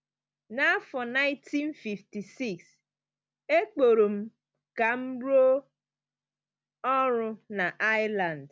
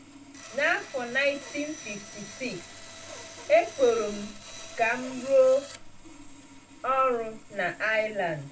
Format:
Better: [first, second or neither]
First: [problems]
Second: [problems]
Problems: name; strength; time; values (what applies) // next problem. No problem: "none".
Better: first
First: none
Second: background sound (Sawing); 16 dB below the speech // room echo; dies away in 0.2 s